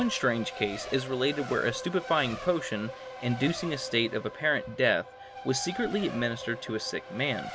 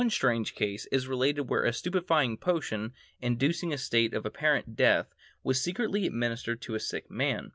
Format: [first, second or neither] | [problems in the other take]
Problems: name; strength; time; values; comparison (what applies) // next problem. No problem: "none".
second | background sound (Race car, auto racing); 11 dB below the speech